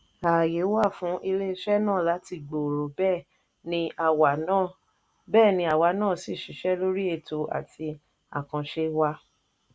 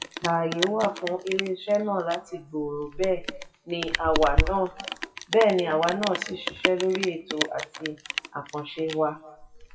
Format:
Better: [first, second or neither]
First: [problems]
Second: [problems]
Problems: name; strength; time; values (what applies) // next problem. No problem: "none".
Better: first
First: none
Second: noise reduction (classical method WPE with log-MMSE)